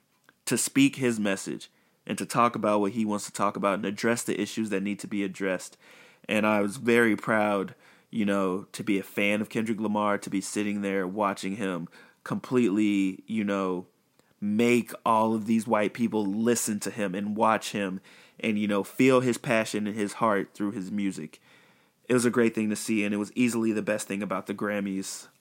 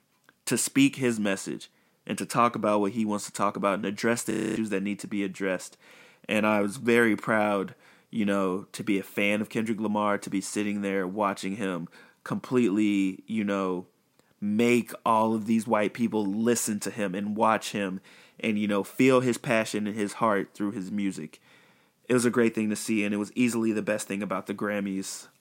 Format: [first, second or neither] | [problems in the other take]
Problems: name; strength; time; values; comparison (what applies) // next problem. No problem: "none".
first | audio freezing; at 4.5 s